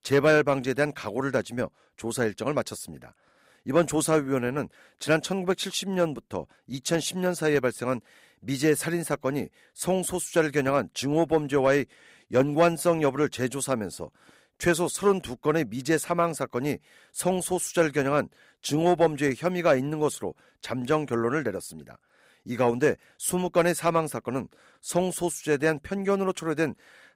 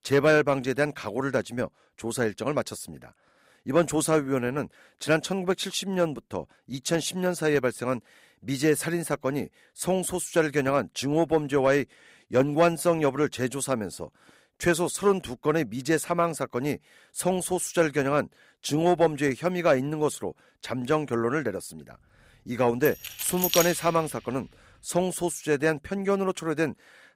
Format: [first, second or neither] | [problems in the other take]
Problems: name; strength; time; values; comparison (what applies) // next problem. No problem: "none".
first | jangling keys; loud; at 23 s; peak 1 dB above the speech